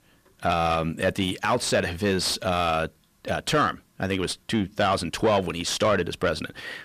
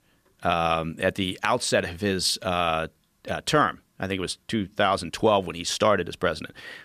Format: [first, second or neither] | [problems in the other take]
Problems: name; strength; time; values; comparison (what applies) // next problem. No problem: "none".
second | distortion; slight; 10 dB below the speech